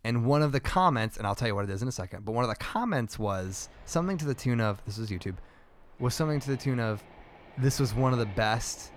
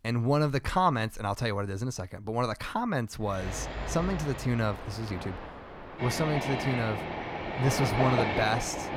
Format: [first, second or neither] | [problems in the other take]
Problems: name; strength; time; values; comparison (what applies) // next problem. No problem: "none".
first | train or aircraft noise; loud; from 3.5 s on; 3 dB below the speech; faint in the first